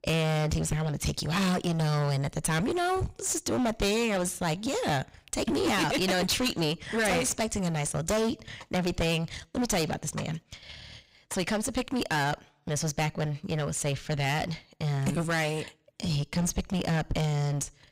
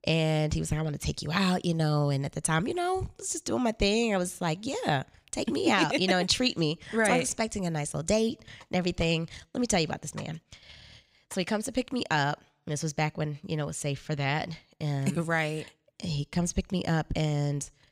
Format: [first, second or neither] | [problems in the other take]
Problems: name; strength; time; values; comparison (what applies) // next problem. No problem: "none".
second | distortion; heavy; 19% of the sound clipped